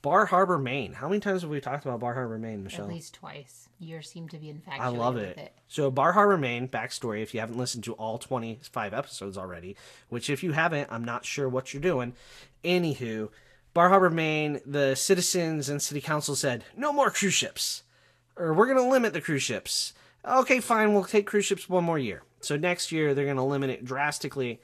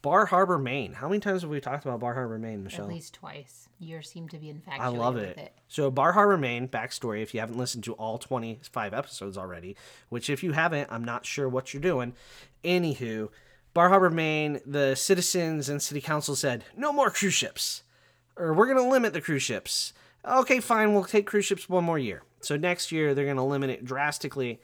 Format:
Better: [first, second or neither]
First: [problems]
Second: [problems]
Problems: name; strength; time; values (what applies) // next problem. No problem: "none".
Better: second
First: garbled, watery; slightly; nothing above 12.5 kHz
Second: none